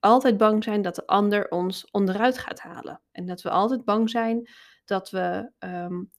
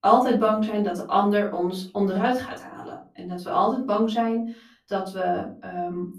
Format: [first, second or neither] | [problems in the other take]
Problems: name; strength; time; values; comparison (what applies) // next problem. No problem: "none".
first | off-mic speech; far // room echo; slight; dies away in 0.3 s